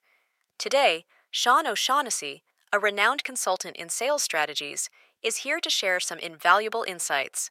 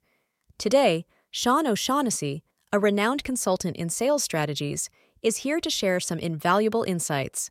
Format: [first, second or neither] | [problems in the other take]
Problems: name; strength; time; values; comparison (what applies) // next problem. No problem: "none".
second | thin; very; fading below 550 Hz